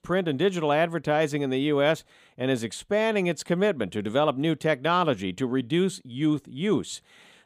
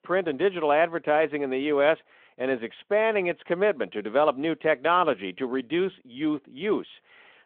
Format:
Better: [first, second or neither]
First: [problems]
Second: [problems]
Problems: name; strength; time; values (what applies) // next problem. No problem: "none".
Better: first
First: none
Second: phone-call audio